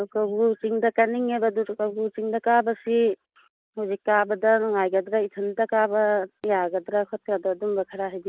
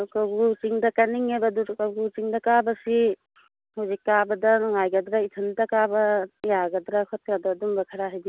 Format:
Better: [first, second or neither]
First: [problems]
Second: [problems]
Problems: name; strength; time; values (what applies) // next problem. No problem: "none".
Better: second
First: noise reduction (neural mask model Resemble Enhance denoiser)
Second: none